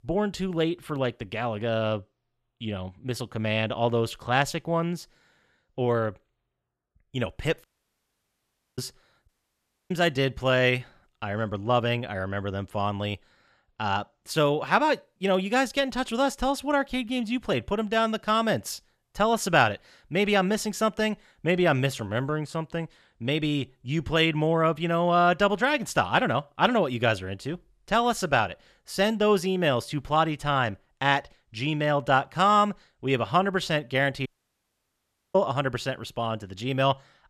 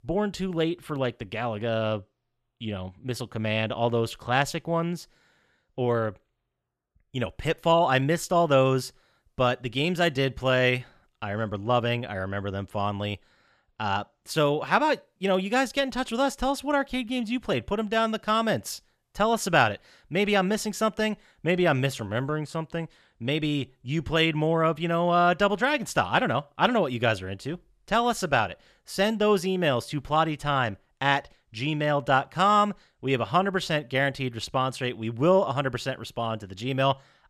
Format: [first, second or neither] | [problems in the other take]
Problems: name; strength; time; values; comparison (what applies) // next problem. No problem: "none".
second | audio cutting out; at 7.5 s for 1 s, at 9.5 s for 0.5 s and at 34 s for 1 s